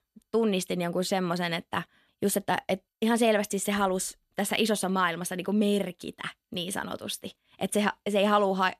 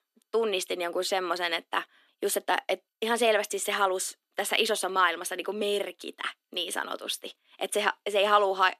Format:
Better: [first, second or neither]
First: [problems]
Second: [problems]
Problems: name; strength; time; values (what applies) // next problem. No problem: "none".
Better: first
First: none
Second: thin; very; fading below 300 Hz